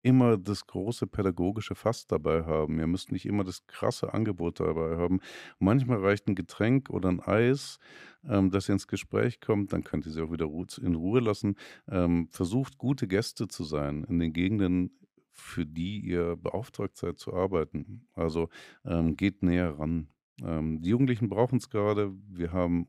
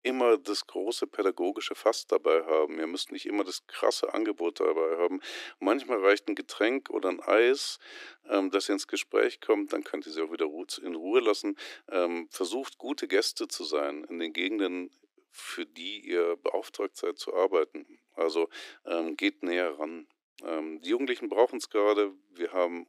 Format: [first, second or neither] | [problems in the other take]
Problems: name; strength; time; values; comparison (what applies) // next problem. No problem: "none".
first | thin; very; fading below 300 Hz